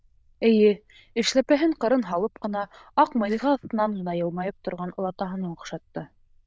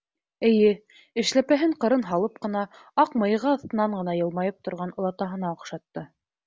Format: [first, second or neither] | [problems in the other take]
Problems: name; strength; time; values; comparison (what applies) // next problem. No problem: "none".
second | noise reduction (neural diffusion model UNIVERSE++)